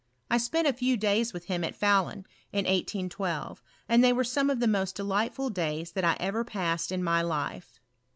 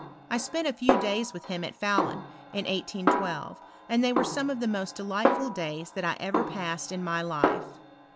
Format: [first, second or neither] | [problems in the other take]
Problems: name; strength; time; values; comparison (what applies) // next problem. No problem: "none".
first | background sound (Snare drum); 1 dB below the speech